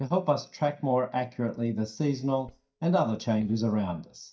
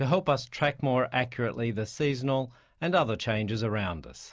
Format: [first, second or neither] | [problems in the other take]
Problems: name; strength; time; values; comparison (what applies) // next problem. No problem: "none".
second | noise reduction (neural mask model DeepFilterNet 3)